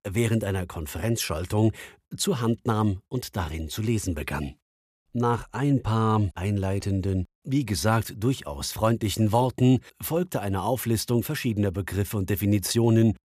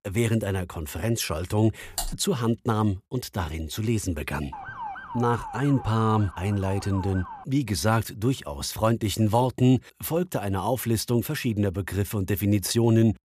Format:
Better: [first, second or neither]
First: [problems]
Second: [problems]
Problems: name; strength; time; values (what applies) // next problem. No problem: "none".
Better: first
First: none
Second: keyboard typing; noticeable; at 2 s; peak 6 dB below the speech // siren; noticeable; from 4.5 to 7.5 s; peak 10 dB below the speech